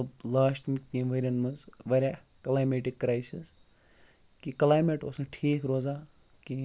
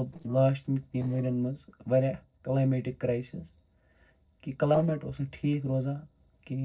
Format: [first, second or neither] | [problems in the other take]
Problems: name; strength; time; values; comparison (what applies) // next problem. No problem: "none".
first | noise reduction (neural separator model SepFormer DNS4)